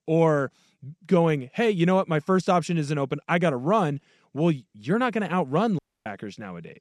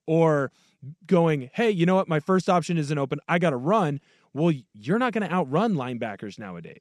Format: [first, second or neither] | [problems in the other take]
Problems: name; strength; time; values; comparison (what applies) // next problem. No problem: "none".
second | audio cutting out; at 6 s